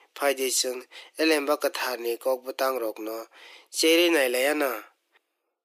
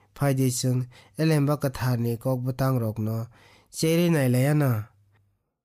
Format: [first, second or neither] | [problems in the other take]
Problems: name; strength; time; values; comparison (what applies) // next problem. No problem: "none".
second | thin; very; fading below 300 Hz